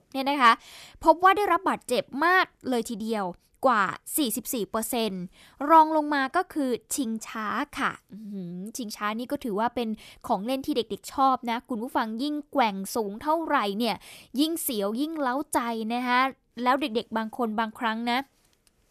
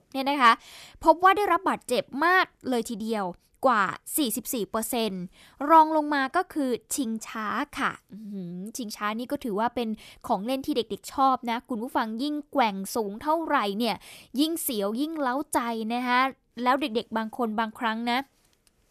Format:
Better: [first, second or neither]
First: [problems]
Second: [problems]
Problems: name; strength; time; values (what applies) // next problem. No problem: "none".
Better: neither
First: none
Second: none